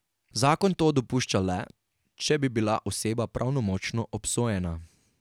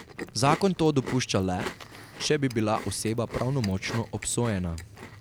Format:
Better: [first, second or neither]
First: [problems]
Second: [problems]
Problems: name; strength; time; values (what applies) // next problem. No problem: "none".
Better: first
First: none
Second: background sound (Chewing, mastication); 13 dB below the speech